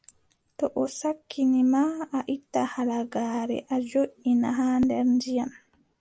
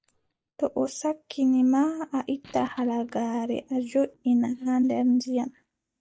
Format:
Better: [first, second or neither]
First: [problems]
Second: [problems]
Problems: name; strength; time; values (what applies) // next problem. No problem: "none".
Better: first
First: none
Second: noise reduction (neural mask model DeepFilterNet 3)